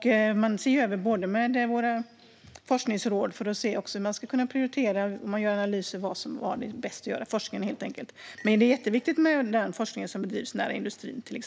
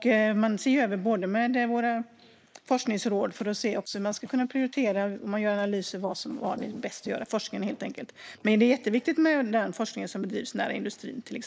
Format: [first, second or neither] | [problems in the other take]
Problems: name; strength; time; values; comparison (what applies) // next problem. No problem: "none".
first | noise reduction (neural mask model Resemble Enhance denoiser)